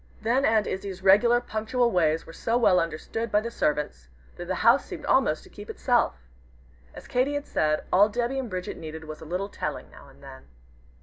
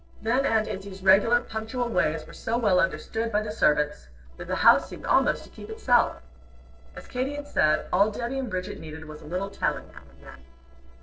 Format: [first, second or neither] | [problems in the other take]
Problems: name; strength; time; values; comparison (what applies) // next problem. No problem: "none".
first | noise reduction (neural separator model SepFormer DNS4)